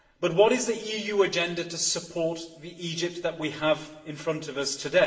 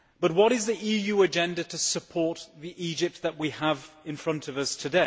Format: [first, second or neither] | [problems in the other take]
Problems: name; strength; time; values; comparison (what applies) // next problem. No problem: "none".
second | room echo; dies away in 0.8 s